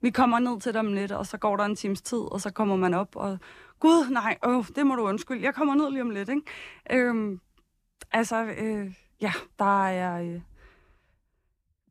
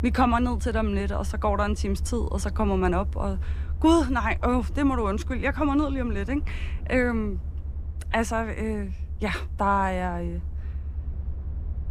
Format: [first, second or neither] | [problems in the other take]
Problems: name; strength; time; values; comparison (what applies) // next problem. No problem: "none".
first | low rumble; faint; throughout; 25 dB below the speech